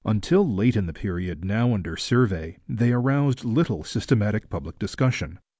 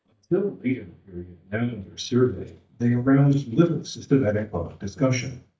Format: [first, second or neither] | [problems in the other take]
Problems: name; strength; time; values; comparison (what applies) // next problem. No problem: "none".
first | noise reduction (neural mask model DeepFilterNet 3)